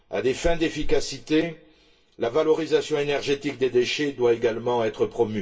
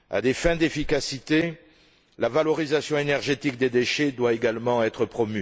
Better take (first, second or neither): second